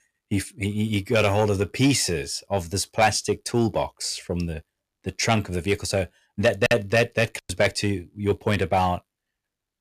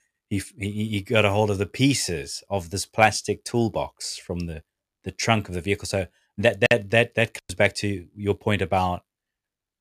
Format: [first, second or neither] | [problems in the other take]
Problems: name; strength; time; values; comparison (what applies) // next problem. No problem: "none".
second | distortion; slight; 10 dB below the speech